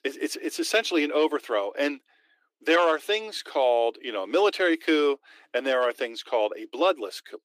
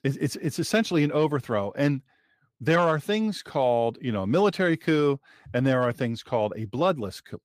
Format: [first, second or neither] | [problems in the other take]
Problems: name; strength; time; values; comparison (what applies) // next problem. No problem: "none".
second | thin; somewhat; fading below 300 Hz